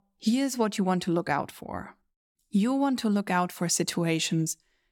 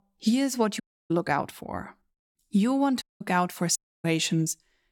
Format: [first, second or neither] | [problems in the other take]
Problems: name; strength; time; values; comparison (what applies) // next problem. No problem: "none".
first | audio cutting out; at 1 s, at 3 s and at 4 s